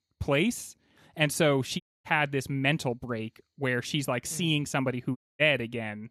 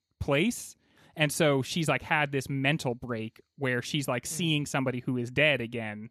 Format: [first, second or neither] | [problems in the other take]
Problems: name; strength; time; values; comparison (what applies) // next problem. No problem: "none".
second | audio cutting out; at 2 s and at 5 s